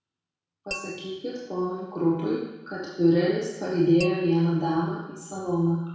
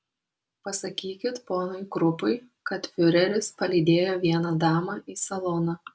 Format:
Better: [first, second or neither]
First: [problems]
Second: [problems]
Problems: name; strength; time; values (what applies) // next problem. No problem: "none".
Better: second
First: background sound (Tap / Glass); 16 dB below the speech // room echo; dies away in 1.1 s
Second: none